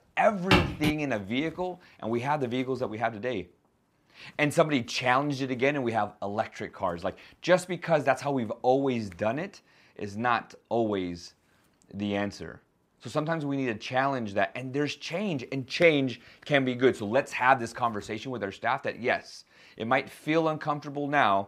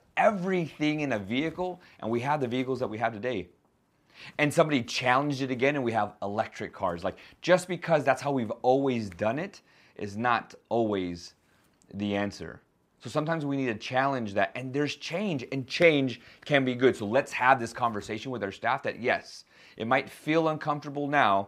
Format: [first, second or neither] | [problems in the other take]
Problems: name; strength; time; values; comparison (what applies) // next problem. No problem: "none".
second | footsteps; loud; at 0.5 s; peak 4 dB above the speech